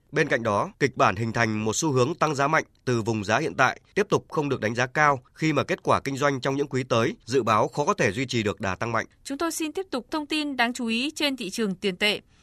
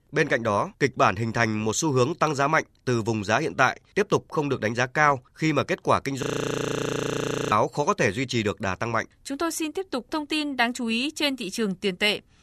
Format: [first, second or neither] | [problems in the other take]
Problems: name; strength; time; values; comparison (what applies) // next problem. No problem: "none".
first | audio freezing; at 6 s for 1.5 s